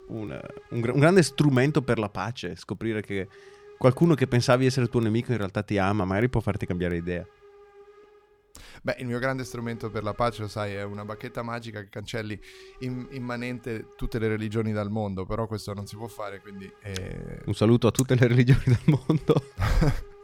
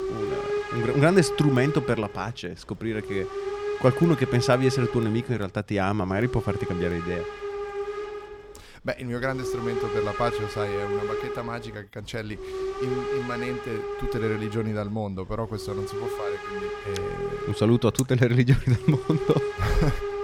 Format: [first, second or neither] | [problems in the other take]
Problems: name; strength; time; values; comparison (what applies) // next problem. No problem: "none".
first | hiss; loud; throughout; 5 dB below the speech; faint in the first